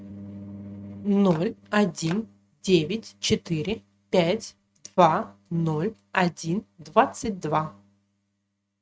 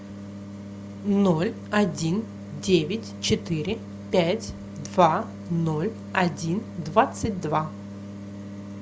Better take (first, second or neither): second